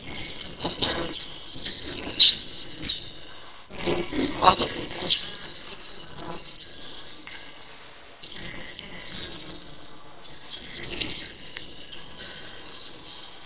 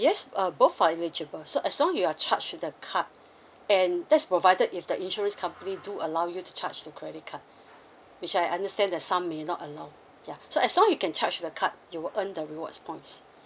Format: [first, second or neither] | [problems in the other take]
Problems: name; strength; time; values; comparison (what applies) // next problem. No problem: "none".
second | noise reduction (neural separator model SepFormer WHAMR!)